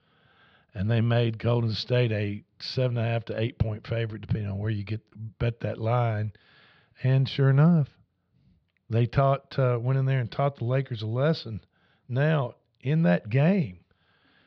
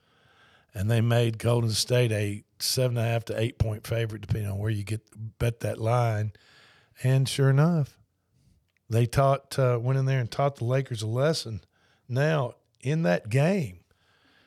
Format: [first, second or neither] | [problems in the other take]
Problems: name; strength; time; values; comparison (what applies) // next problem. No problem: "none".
second | muffled; very slightly; fading above 4 kHz